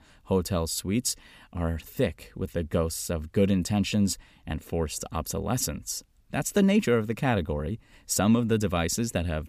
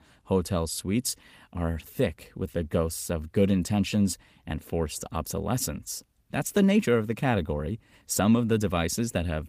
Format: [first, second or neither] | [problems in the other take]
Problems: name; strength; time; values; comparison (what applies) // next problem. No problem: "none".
first | garbled, watery; slightly; nothing above 15 kHz